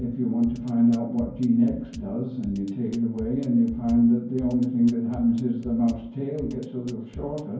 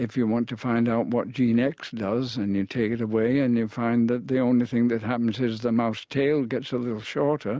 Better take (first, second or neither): second